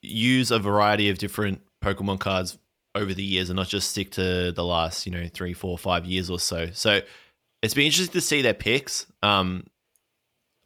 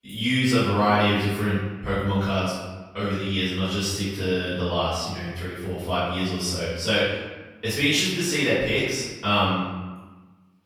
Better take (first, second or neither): first